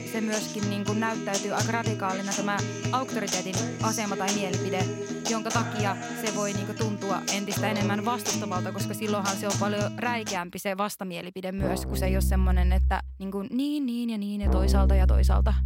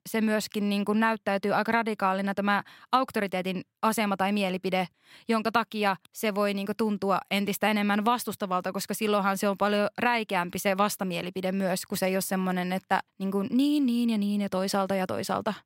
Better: second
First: background music; very loud; throughout; 2 dB above the speech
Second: none

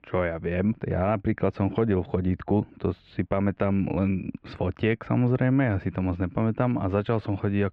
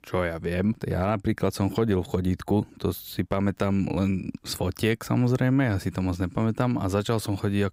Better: second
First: muffled; very; fading above 2.5 kHz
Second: none

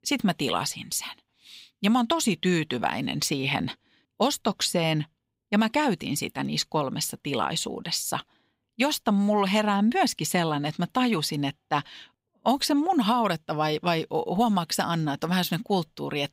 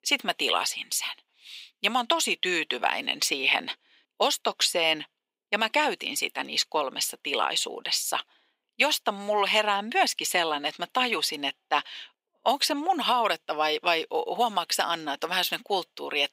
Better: first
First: none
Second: thin; somewhat; fading below 400 Hz

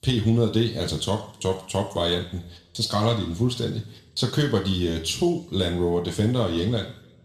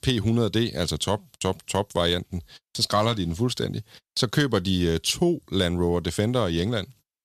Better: second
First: room echo; slight; dies away in 0.6 s // off-mic speech; somewhat distant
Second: none

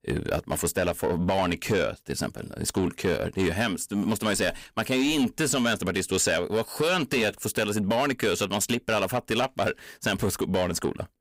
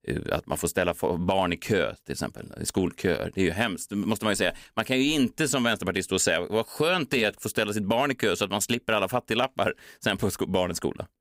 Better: second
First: distortion; slight; 10 dB below the speech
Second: none

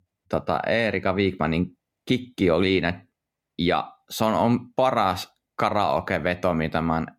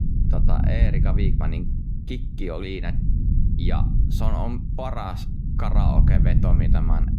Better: first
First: none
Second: low rumble; loud; throughout; 3 dB below the speech

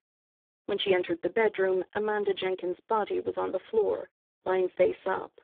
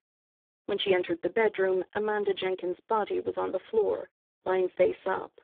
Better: neither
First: phone-call audio; poor line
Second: phone-call audio; poor line

